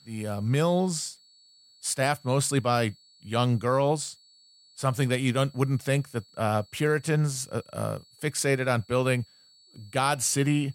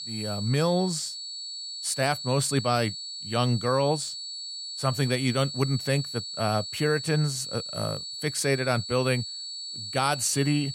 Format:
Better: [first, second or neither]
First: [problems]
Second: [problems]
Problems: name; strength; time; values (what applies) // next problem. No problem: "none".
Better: first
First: high-pitched whine; faint; throughout; 4.5 kHz, 30 dB below the speech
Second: high-pitched whine; loud; throughout; 4.5 kHz, 7 dB below the speech